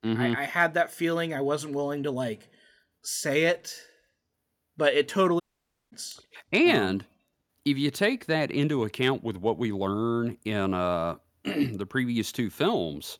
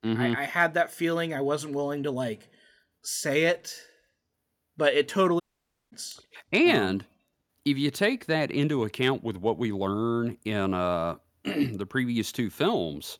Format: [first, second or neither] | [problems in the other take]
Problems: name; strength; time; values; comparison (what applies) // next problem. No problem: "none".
neither | audio cutting out; at 5.5 s for 0.5 s; the same in both